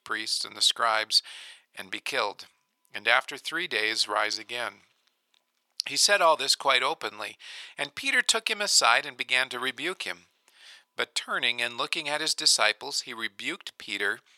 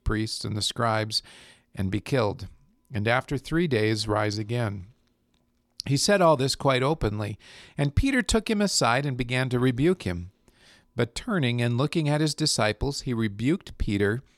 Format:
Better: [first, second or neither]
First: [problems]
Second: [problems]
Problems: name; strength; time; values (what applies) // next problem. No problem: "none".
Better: second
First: thin; very; fading below 900 Hz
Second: none